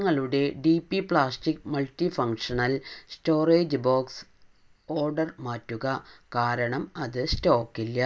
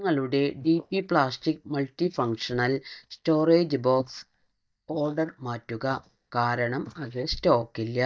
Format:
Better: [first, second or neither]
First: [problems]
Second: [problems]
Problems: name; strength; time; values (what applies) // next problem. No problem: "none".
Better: first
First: none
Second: noise reduction (neural mask model DeepFilterNet 3)